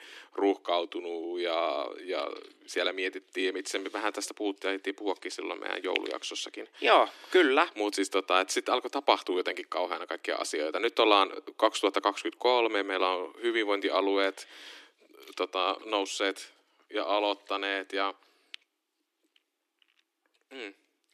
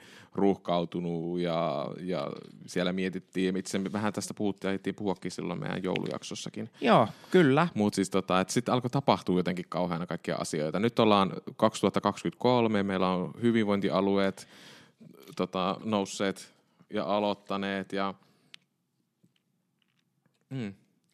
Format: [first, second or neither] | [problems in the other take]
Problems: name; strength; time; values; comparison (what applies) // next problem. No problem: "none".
second | thin; somewhat; fading below 300 Hz